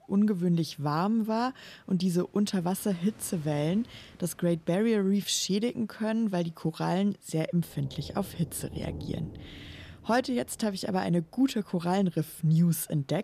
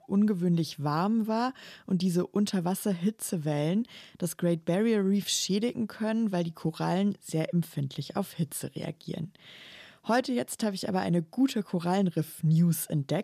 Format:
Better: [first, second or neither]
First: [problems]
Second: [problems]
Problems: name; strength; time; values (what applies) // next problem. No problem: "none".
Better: second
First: rain or running water; noticeable; throughout; 20 dB below the speech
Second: none